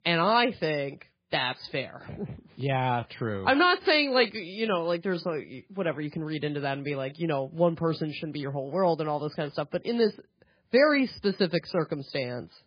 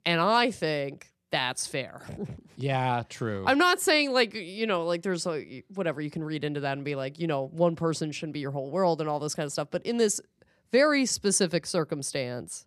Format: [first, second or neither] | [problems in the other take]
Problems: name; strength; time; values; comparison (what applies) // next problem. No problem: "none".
second | garbled, watery; badly; nothing above 4.5 kHz